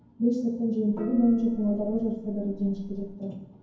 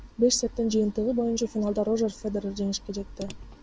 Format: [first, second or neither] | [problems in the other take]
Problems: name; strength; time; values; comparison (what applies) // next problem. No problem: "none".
second | background sound (Gong); 15 dB below the speech // room echo; dies away in 0.9 s